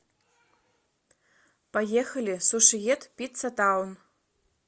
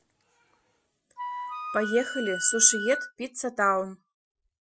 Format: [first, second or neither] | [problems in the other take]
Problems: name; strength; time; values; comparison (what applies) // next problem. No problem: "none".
first | noise reduction (classical method Wiener filter)